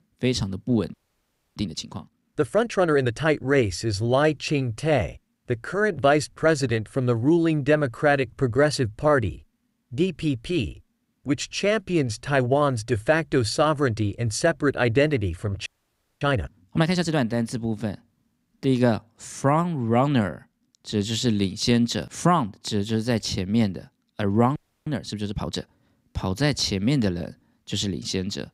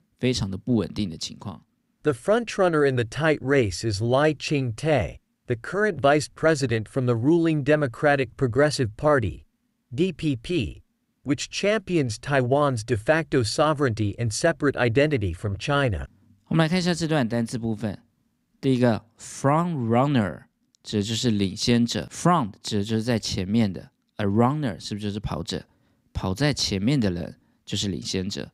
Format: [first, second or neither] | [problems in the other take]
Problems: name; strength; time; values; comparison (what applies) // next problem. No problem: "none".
second | audio freezing; at 1 s for 0.5 s, at 16 s for 0.5 s and at 25 s